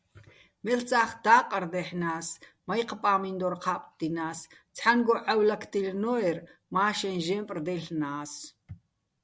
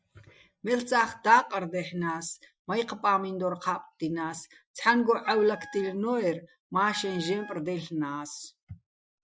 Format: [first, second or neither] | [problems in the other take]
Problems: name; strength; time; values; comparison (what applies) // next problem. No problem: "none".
first | noise reduction (classical method Wiener filter)